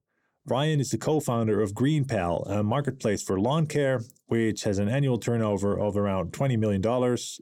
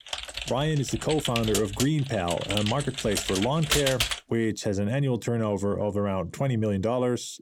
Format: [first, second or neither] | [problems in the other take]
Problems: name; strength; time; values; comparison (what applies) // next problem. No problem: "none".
first | keyboard typing; loud; until 4 s; peak 3 dB above the speech